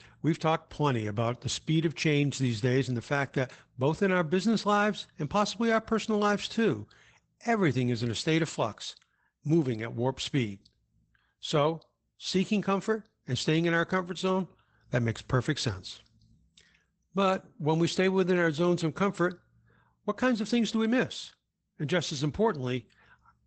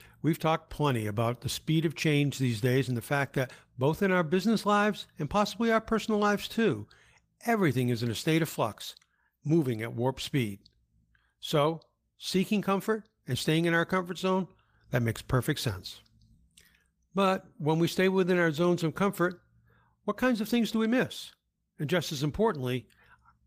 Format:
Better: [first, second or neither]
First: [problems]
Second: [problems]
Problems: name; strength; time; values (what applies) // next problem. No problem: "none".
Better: second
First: garbled, watery; badly; nothing above 8 kHz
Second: garbled, watery; slightly; nothing above 15 kHz